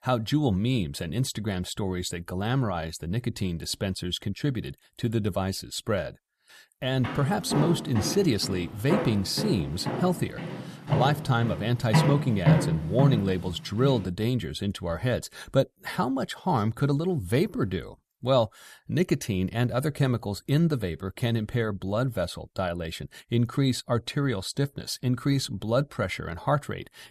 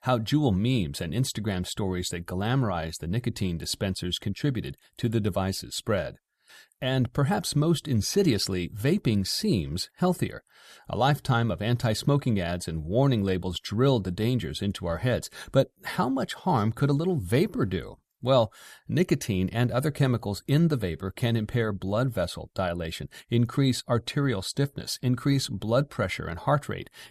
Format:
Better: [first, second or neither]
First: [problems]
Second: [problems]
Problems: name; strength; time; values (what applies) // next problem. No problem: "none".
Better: second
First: footsteps; loud; from 7 to 14 s; peak 5 dB above the speech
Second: none